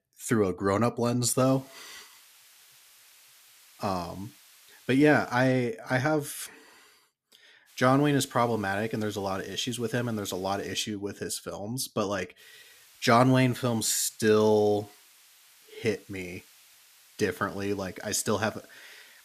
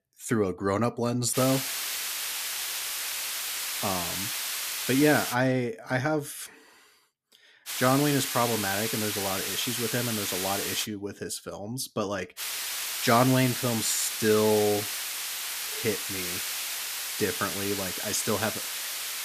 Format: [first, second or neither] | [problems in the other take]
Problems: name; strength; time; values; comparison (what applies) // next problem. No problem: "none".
first | hiss; loud; from 1.5 to 5.5 s, from 7.5 to 11 s and from 12 s on; 2 dB below the speech; faint in the first